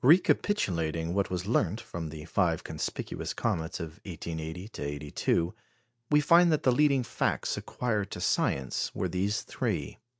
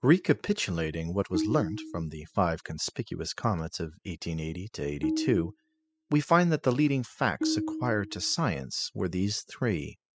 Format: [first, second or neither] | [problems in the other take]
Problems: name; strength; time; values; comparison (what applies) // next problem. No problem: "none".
first | noise reduction (classical method spectral subtraction)